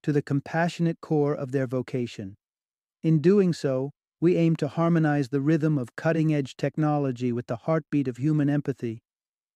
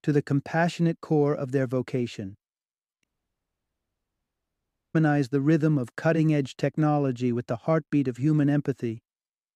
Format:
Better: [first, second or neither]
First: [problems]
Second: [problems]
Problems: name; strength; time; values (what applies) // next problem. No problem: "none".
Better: first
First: none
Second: audio cutting out; at 3 s for 2 s